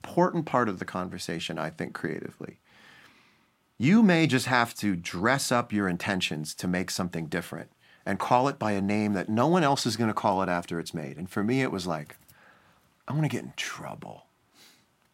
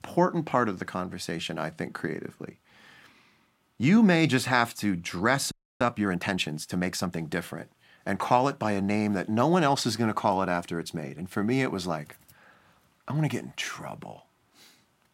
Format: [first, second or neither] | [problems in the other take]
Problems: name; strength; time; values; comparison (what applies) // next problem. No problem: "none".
first | audio freezing; at 5.5 s